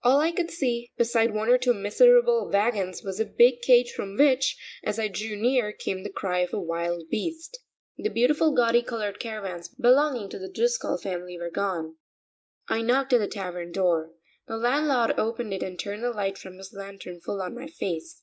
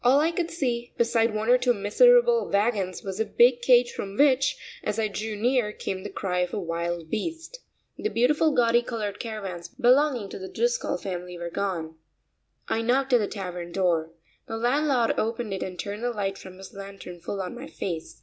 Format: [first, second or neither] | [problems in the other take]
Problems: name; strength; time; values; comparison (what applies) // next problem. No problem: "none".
second | noise reduction (neural mask model Resemble Enhance denoiser)